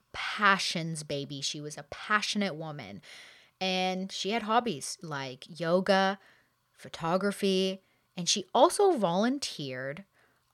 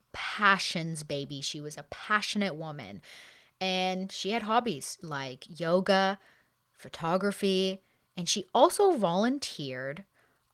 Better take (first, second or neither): first